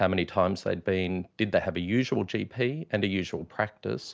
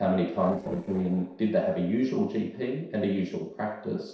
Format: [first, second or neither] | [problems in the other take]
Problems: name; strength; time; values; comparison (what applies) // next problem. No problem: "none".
first | noise reduction (neural separator model SepFormer DNS4)